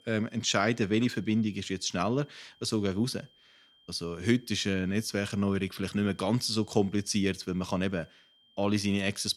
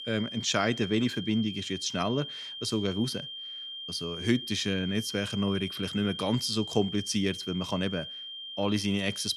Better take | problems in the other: first | high-pitched whine; loud; throughout; 3 kHz, 7 dB below the speech; faint in the first

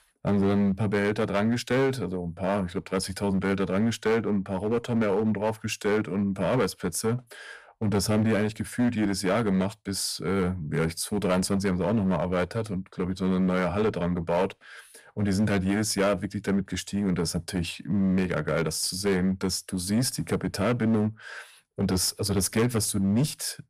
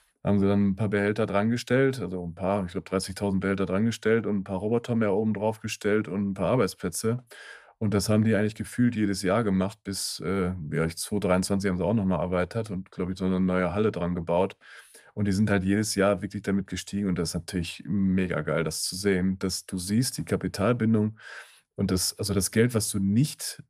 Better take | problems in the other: second | distortion; slight; 9% of the sound clipped

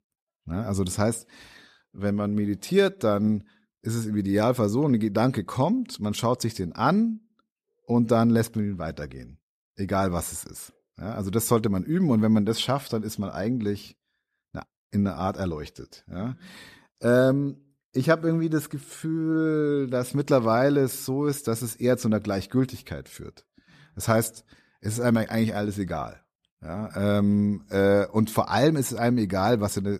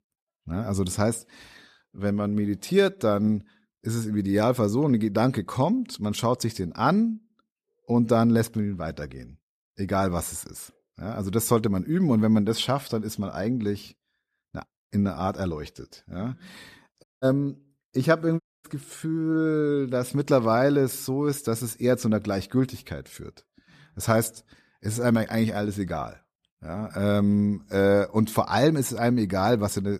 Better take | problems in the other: first | audio cutting out; at 17 s and at 18 s

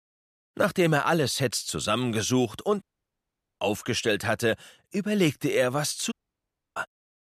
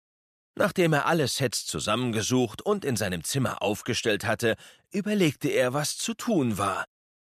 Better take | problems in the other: second | audio cutting out; at 3 s for 1 s and at 6 s for 0.5 s

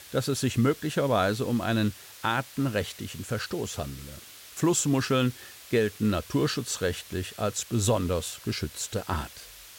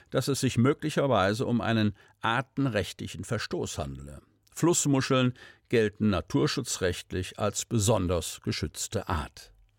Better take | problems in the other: second | hiss; noticeable; throughout; 15 dB below the speech

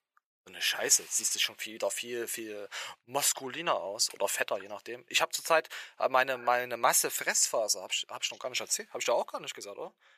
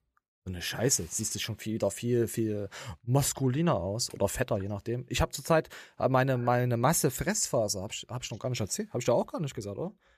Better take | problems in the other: second | thin; very; fading below 750 Hz

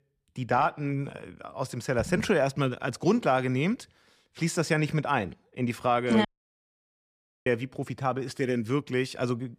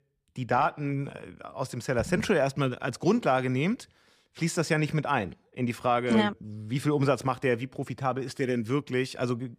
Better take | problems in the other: second | audio cutting out; at 6.5 s for 1 s

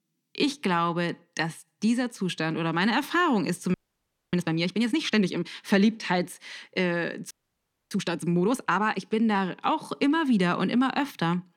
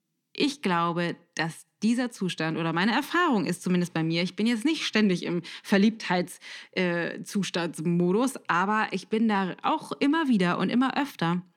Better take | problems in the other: second | audio freezing; at 3.5 s for 0.5 s and at 7.5 s for 0.5 s

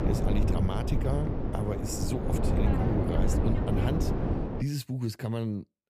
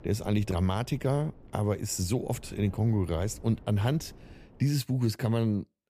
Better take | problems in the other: second | wind noise on the microphone; heavy; until 4.5 s; 2 dB above the speech; occasional gusts in the second

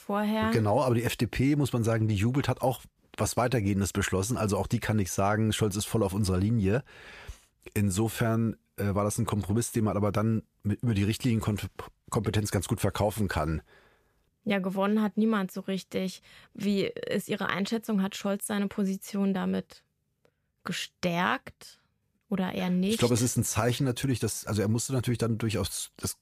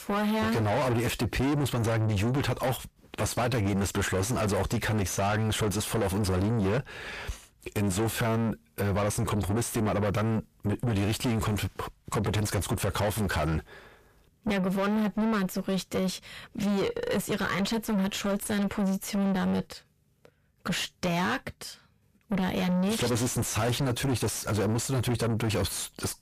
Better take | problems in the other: first | distortion; heavy; 5 dB below the speech

